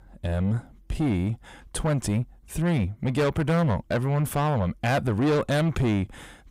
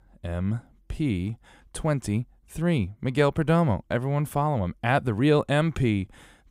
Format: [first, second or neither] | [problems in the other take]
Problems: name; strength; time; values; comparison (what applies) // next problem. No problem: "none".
second | distortion; heavy; 7 dB below the speech